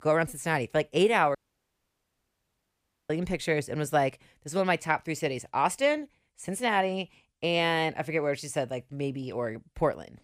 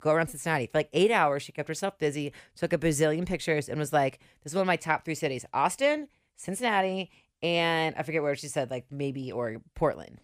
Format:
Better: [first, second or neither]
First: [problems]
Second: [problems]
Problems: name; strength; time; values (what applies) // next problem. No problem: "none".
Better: second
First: audio cutting out; at 1.5 s for 1.5 s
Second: none